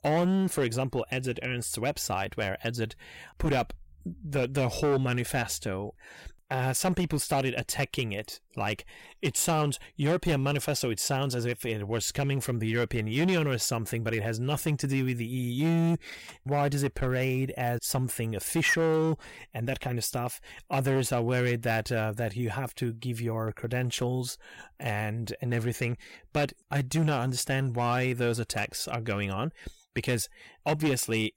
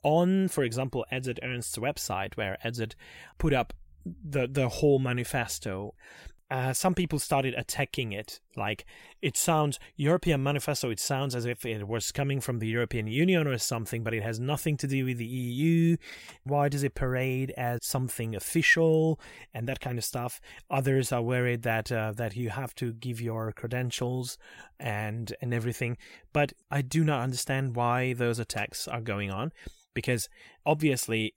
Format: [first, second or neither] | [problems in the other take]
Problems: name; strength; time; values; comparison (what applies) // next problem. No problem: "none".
second | distortion; slight; 6% of the sound clipped